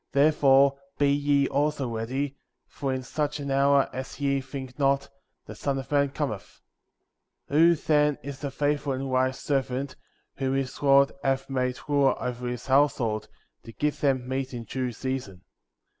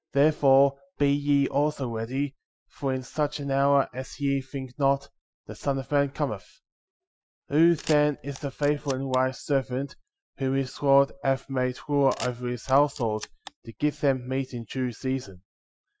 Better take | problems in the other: first | noise reduction (classical method Wiener filter)

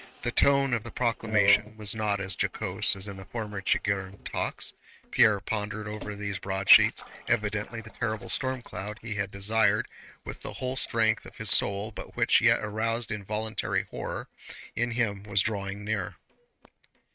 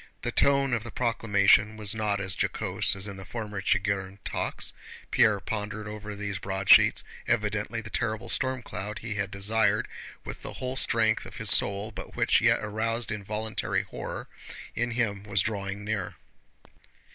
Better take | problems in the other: second | noise reduction (neural mask model RNNoise)

